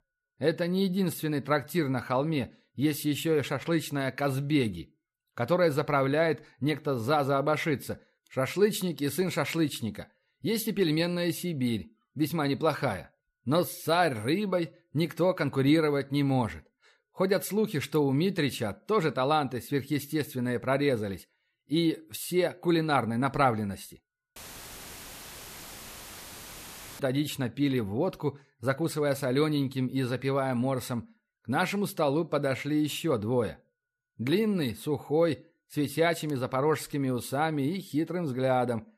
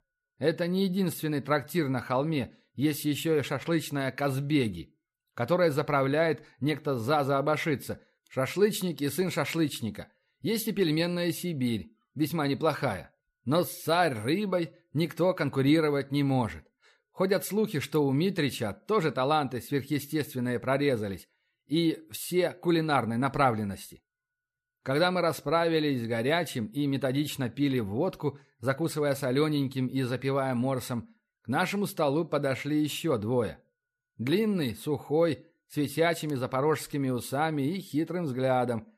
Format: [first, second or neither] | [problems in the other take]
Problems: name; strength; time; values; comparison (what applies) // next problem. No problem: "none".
second | audio cutting out; filled with static; at 24 s for 2.5 s